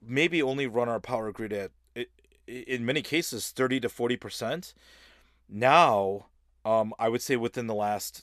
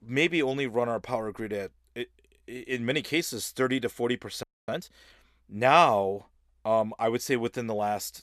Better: first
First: none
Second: audio freezing; at 4.5 s

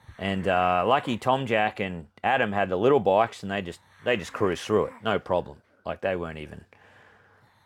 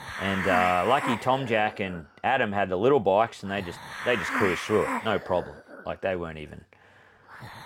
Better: first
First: hiss; faint; throughout; 25 dB below the speech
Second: hiss; loud; throughout; 5 dB below the speech

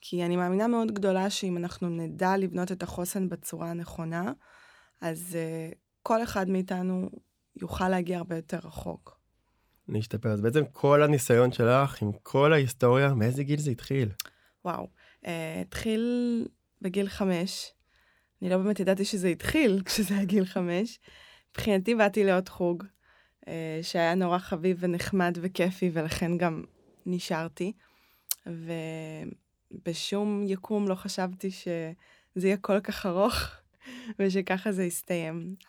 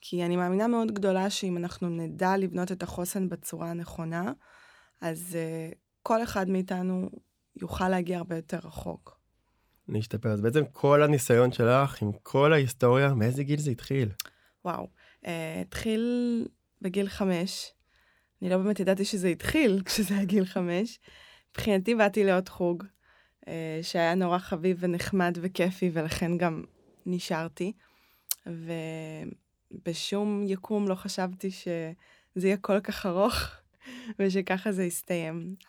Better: neither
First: none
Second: none

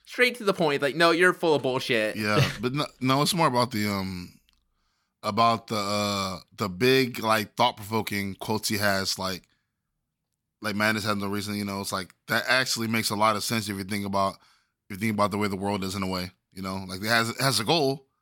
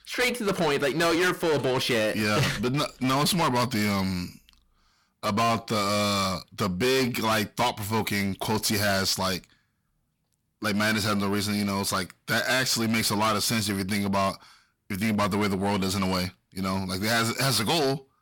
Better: first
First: none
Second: distortion; heavy; 6 dB below the speech

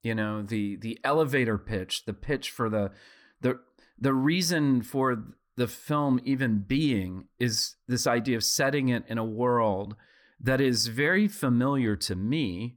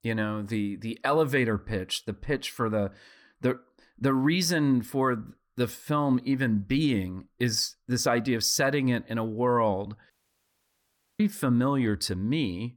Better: first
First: none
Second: audio cutting out; at 10 s for 1 s

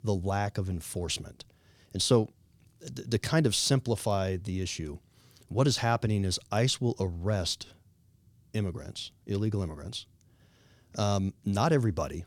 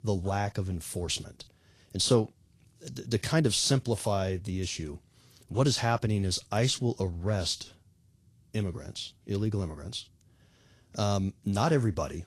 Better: first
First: none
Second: garbled, watery; slightly

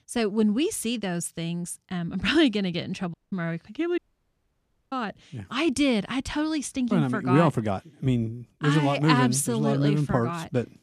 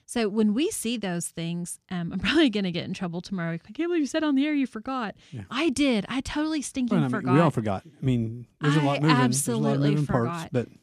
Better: second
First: audio cutting out; at 3 s and at 4 s for 1 s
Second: none

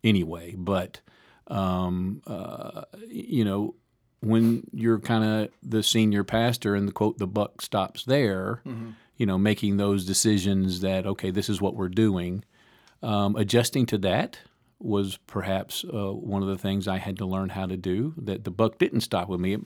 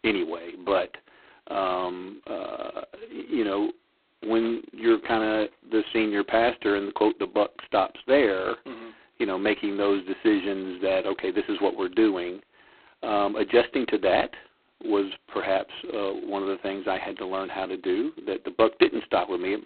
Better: first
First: none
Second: phone-call audio; poor line; nothing above 4 kHz

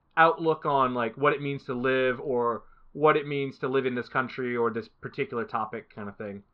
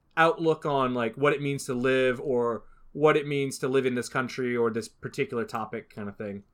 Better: second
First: muffled; slightly; fading above 4 kHz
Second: none

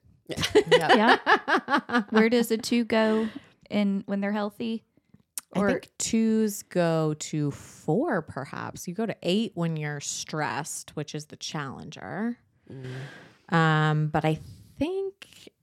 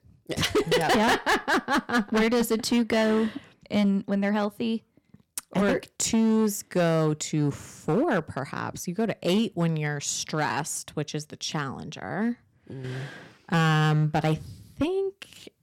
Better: first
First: none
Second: distortion; heavy; 8% of the sound clipped

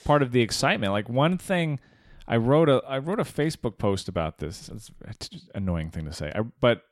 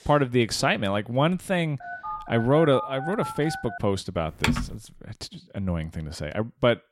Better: first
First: none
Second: phone ringing; noticeable; from 2 to 4 s; peak 8 dB below the speech // keyboard typing; noticeable; at 4.5 s; peak 1 dB below the speech

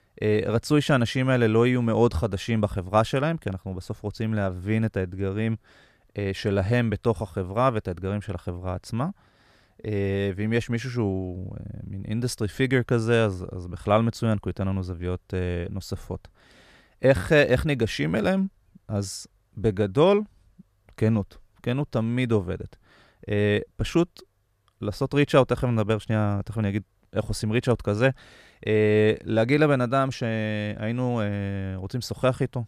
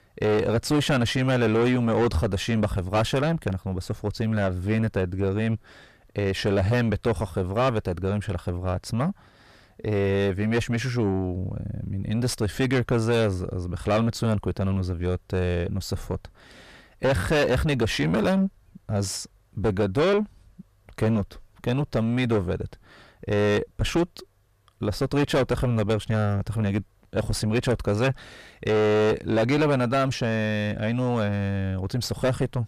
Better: first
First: none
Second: distortion; heavy; 5 dB below the speech

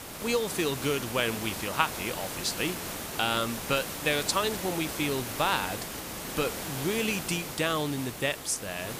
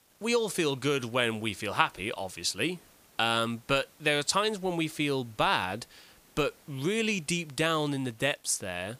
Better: second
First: hiss; loud; throughout; 5 dB below the speech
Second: hiss; faint; throughout; 30 dB below the speech

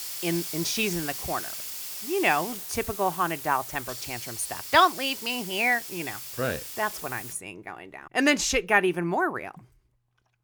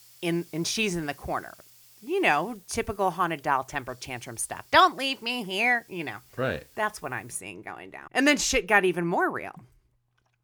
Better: second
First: hiss; loud; until 7.5 s; 8 dB below the speech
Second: hiss; faint; until 7.5 s; 25 dB below the speech

